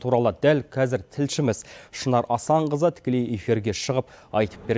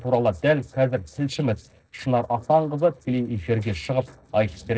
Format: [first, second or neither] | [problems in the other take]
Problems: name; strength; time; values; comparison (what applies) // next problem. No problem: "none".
first | noise reduction (neural separator model SepFormer DNS4)